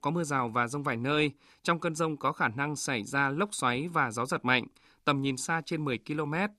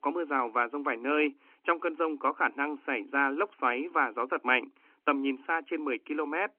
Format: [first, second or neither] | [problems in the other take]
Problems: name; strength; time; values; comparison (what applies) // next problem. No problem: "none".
first | phone-call audio